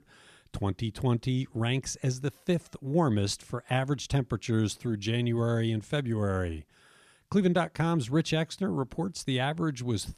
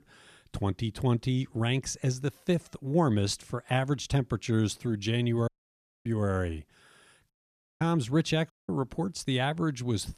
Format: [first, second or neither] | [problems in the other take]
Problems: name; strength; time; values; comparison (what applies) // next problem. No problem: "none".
first | audio cutting out; at 5.5 s for 0.5 s, at 7.5 s for 0.5 s and at 8.5 s